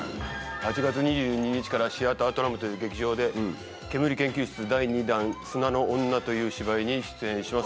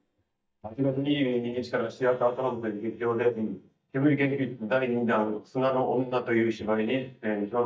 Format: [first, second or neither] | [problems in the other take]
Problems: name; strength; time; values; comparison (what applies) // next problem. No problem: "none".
first | noise reduction (neural mask model DeepFilterNet 3)